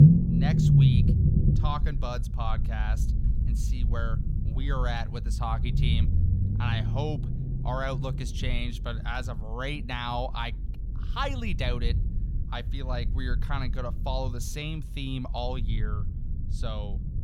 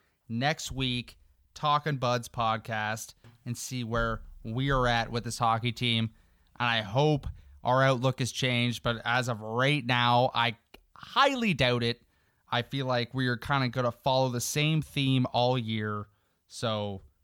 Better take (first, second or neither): second